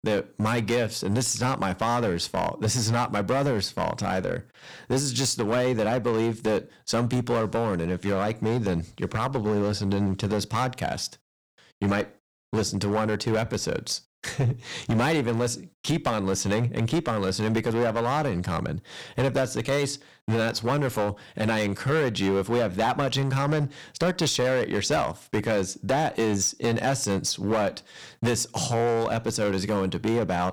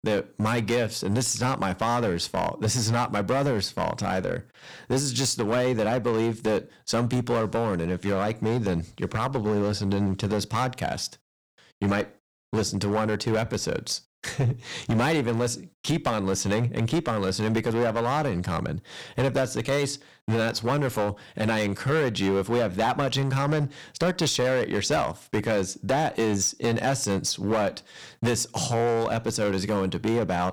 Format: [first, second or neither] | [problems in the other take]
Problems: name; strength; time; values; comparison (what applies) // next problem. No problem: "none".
neither | distortion; heavy; 10% of the sound clipped; the same in both